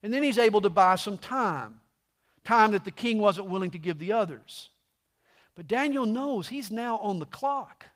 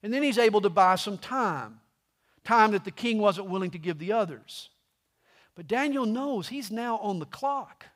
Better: second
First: garbled, watery; slightly; nothing above 15.5 kHz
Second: none

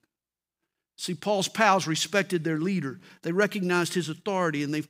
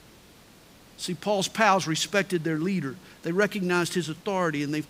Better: first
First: none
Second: hiss; faint; throughout; 25 dB below the speech

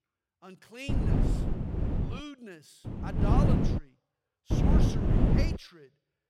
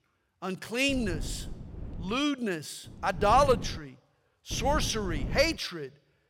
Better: second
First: wind noise on the microphone; heavy; from 1 to 2 s, at 3 s and from 4.5 to 5.5 s; 5 dB above the speech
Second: wind noise on the microphone; occasional gusts; from 1 to 2 s, at 3 s and from 4.5 to 5.5 s; 20 dB below the speech

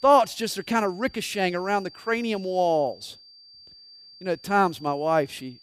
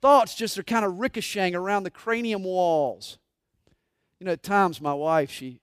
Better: second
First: high-pitched whine; faint; throughout; 4.5 kHz, 20 dB below the speech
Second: none

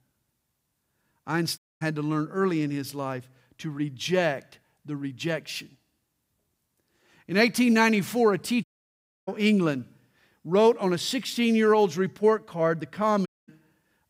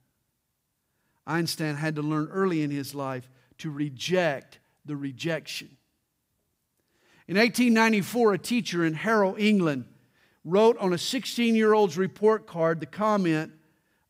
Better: second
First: audio cutting out; at 1.5 s, at 8.5 s for 0.5 s and at 13 s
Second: none

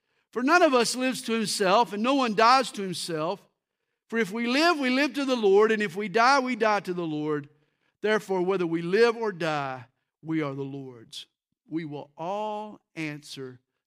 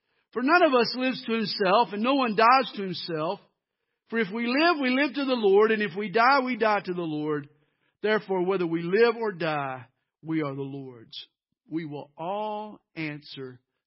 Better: first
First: none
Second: garbled, watery; badly; nothing above 5.5 kHz

